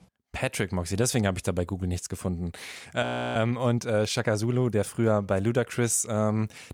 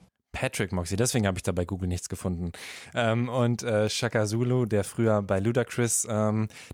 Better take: second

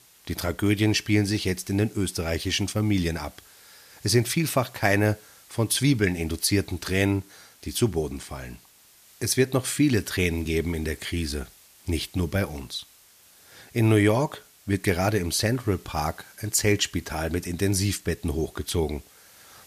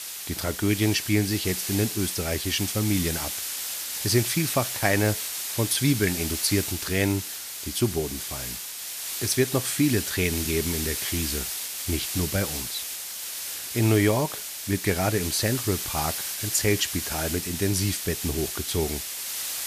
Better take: first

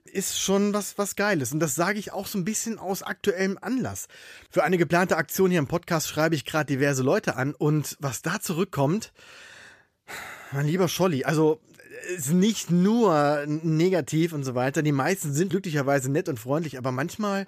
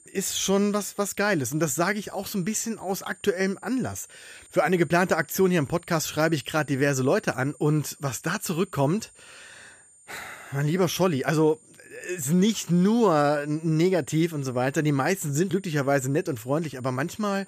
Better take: first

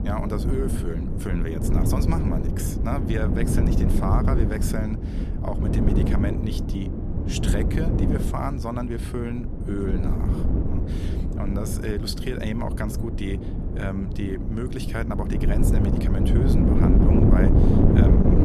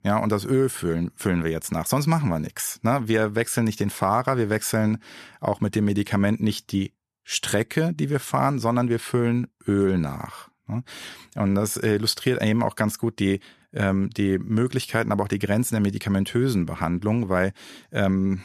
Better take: second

